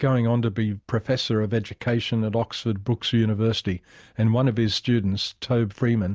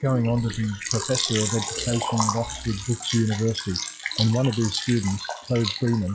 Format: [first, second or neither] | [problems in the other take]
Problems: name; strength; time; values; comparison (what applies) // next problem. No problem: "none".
first | noise reduction (classical method log-MMSE)